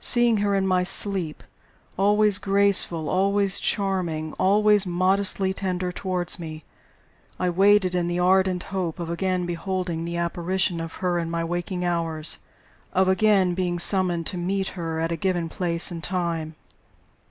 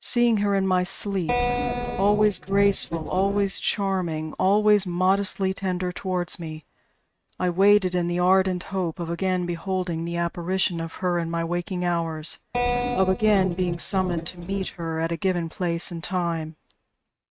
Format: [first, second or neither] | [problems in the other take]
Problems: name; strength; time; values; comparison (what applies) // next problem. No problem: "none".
first | noise reduction (neural mask model RNNoise)